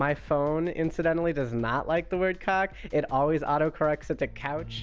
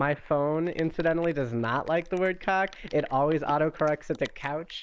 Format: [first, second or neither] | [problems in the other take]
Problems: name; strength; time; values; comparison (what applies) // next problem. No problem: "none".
first | noise reduction (neural mask model Resemble Enhance denoiser)